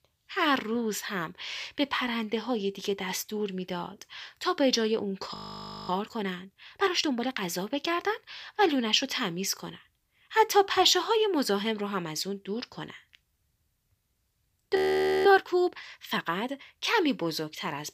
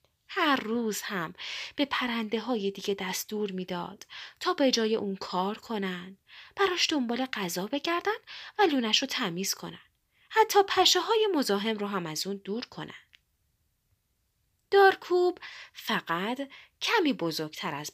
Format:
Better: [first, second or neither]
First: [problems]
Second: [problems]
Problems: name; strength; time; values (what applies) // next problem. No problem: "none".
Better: second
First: audio freezing; at 5.5 s for 0.5 s and at 15 s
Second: none